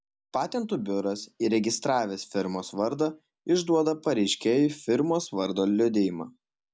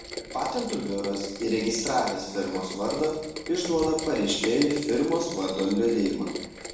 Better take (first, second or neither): first